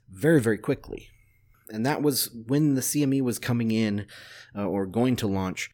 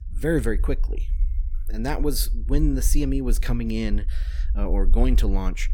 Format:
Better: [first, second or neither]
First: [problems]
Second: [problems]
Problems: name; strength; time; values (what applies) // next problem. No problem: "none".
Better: first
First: none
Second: low rumble; faint; throughout; 20 dB below the speech